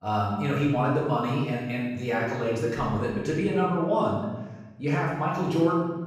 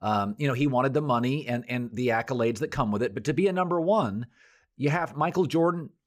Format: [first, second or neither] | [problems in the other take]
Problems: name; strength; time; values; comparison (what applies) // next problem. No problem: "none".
second | room echo; noticeable; dies away in 1 s // off-mic speech; far